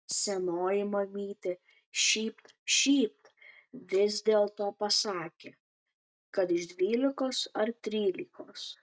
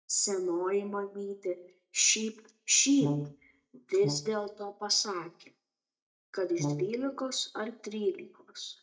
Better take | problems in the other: first | noise reduction (neural mask model DeepFilterNet 3)

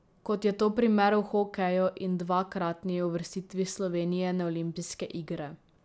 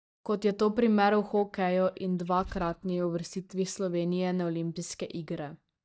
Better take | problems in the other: first | noise reduction (neural mask model DeepFilterNet 3)

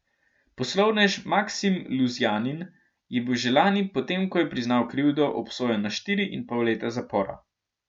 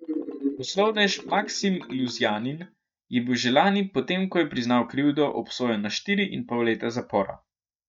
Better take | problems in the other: first | noise reduction (neural mask model DeepFilterNet 3)

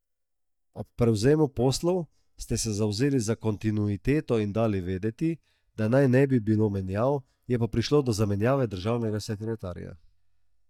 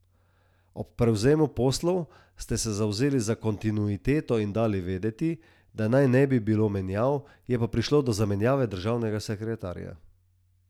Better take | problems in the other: second | noise reduction (neural mask model DeepFilterNet 3)

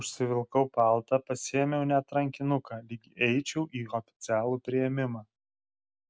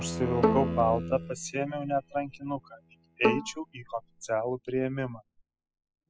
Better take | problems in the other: first | noise reduction (classical method spectral subtraction)

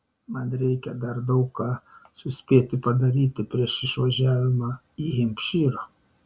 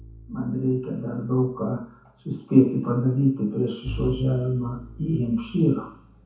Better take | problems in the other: first | background sound (Bowed string instrument); 17 dB below the speech // room echo; dies away in 0.7 s

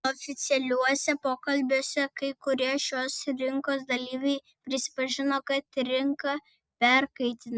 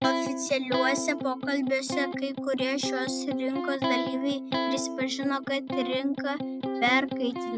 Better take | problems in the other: first | background sound (Electric guitar); 2 dB below the speech

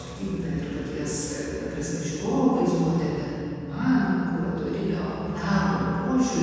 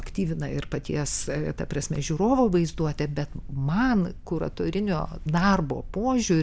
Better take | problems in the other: second | room echo; dies away in 2.1 s

